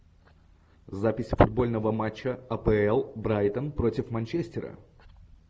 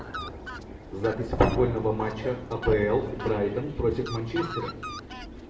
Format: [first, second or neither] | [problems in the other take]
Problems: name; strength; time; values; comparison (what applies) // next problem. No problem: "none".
first | background sound (Fowl); 10 dB below the speech // room echo; dies away in 0.8 s